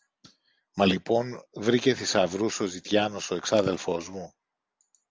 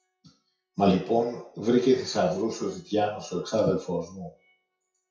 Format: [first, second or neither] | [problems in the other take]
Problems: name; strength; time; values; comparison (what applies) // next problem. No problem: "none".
first | noise reduction (classical method WPE with log-MMSE)